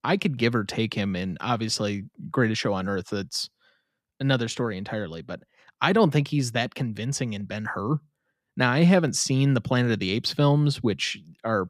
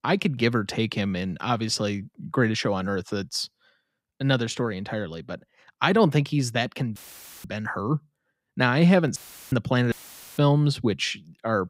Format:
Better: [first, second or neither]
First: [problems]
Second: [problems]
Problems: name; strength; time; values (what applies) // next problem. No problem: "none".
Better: first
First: none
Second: audio cutting out; filled with static; at 7 s, at 9 s and at 10 s